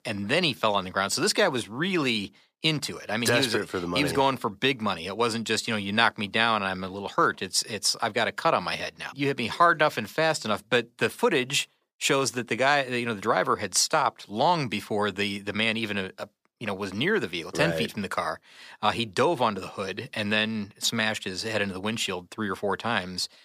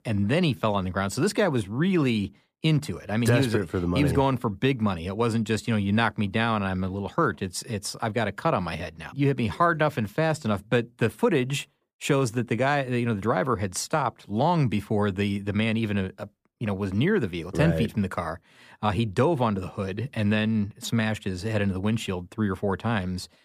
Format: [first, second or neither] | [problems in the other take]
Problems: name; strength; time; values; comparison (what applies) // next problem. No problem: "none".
second | thin; somewhat; fading below 600 Hz